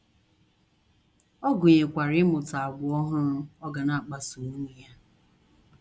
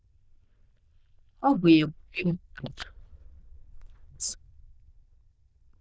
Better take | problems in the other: first | noise reduction (neural diffusion model UNIVERSE++)

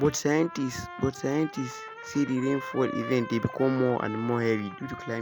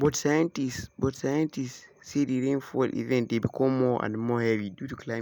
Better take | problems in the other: second | background sound (Trumpet); 13 dB below the speech

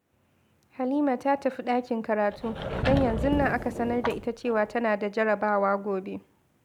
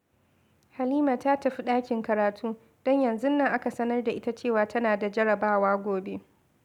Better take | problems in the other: second | background sound (Sliding door / Wood); 4 dB below the speech

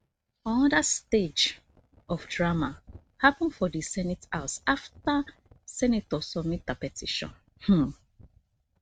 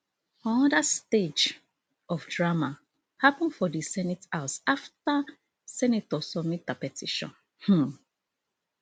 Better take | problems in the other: second | noise reduction (neural mask model RNNoise)

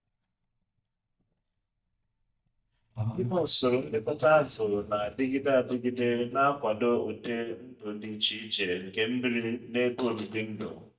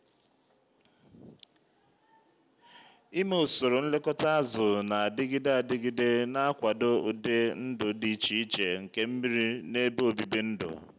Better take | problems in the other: second | noise reduction (neural mask model DeepFilterNet 3)

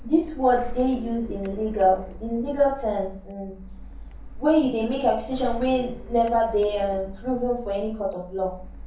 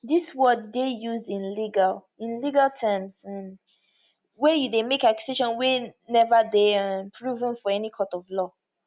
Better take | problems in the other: second | background sound (Printer); 12 dB below the speech // room echo; dies away in 0.6 s

